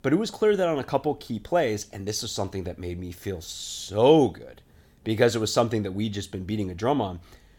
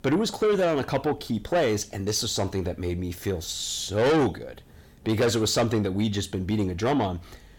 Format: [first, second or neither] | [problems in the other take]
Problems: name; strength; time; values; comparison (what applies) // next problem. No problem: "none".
first | distortion; heavy; 7 dB below the speech